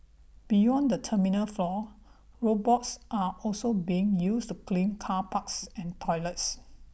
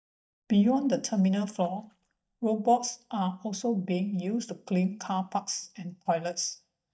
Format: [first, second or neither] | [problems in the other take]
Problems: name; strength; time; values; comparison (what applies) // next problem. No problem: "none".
first | noise reduction (neural mask model DeepFilterNet 3)